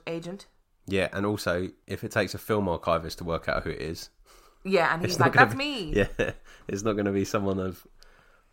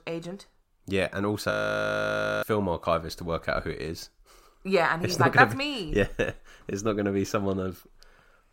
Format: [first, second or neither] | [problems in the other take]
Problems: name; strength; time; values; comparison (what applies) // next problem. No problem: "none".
first | audio freezing; at 1.5 s for 1 s